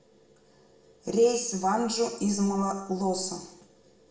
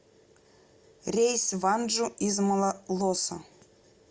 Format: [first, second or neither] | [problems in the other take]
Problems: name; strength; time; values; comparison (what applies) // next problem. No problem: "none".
second | room echo; dies away in 0.7 s